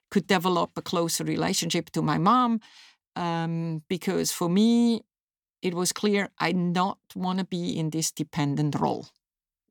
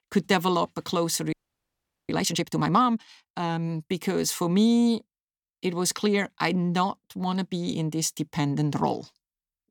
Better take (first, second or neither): first